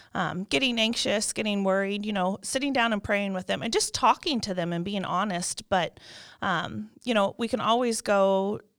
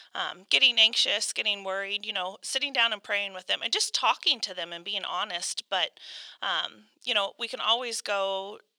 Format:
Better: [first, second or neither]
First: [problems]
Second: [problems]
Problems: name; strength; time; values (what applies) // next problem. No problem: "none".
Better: first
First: none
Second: thin; very; fading below 550 Hz